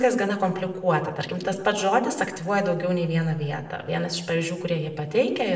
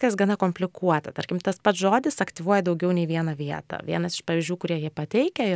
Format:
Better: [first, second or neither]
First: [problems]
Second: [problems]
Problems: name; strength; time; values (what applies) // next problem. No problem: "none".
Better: second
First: room echo; dies away in 0.6 s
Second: none